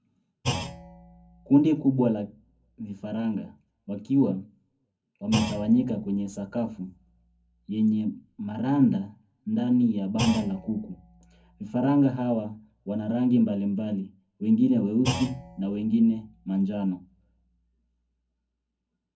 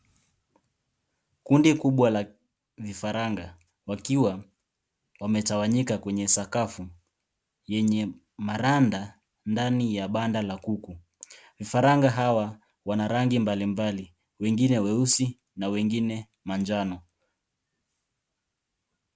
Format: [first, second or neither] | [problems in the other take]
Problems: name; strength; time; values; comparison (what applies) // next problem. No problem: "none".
second | background sound (Thump, thud); 13 dB below the speech // room echo; dies away in 0.4 s